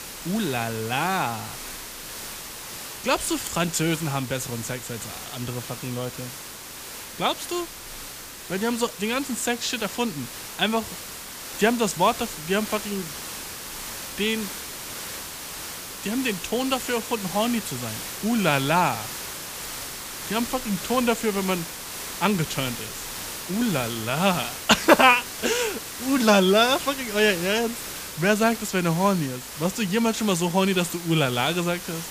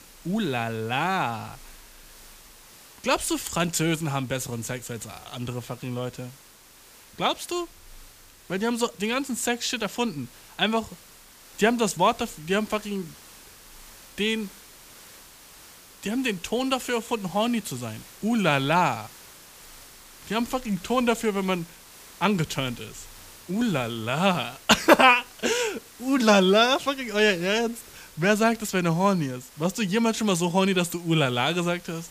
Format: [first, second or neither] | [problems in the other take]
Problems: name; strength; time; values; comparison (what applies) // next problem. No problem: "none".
second | hiss; loud; throughout; 9 dB below the speech; faint in the second